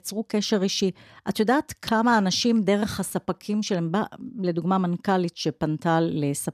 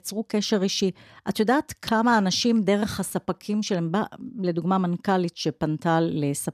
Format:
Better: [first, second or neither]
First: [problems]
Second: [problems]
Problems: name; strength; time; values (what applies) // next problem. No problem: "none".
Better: neither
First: none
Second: none